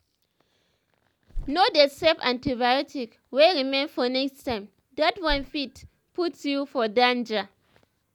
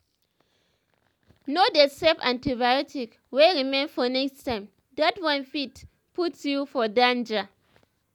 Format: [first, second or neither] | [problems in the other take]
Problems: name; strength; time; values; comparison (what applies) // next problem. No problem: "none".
second | background sound (Bird); 16 dB below the speech